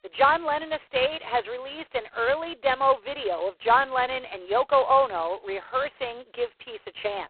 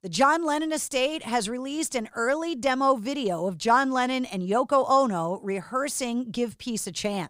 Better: second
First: phone-call audio; poor line; nothing above 4 kHz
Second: none

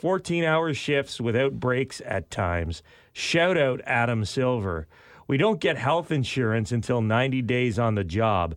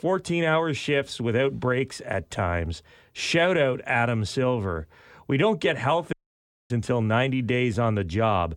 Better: first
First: none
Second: audio cutting out; at 6 s for 0.5 s

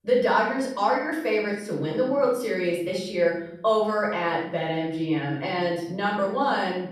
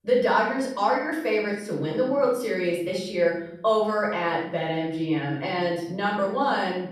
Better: neither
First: off-mic speech; far // room echo; noticeable; dies away in 0.8 s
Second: off-mic speech; far // room echo; noticeable; dies away in 0.8 s

